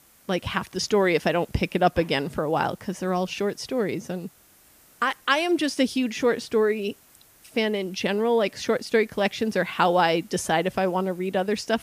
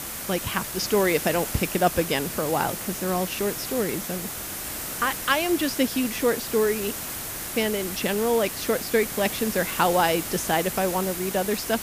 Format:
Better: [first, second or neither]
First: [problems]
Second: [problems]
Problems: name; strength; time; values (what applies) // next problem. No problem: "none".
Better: first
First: hiss; faint; throughout; 30 dB below the speech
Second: hiss; loud; throughout; 5 dB below the speech